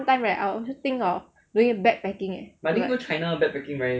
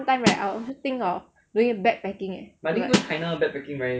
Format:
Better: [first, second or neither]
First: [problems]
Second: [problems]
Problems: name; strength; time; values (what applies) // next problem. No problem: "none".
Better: first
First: none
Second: background sound (Snare drum); 1 dB above the speech